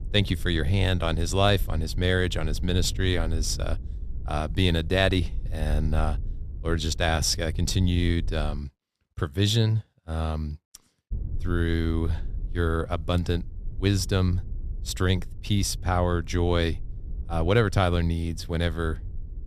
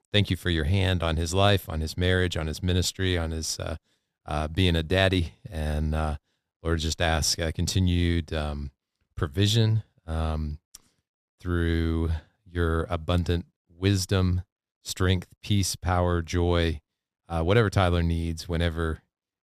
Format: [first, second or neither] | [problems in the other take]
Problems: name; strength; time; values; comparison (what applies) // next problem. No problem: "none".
second | wind noise on the microphone; occasional gusts; until 8.5 s and from 11 s on; 25 dB below the speech